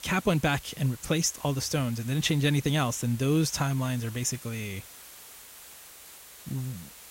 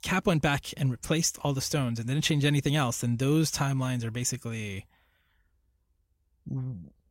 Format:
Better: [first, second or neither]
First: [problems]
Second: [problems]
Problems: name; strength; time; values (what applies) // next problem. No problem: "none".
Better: second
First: hiss; noticeable; throughout; 15 dB below the speech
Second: none